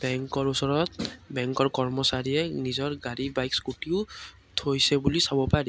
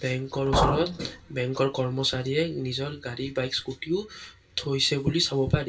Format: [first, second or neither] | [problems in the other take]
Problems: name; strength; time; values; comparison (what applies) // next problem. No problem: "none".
first | background sound (Liquid); 3 dB below the speech // room echo; dies away in 0.2 s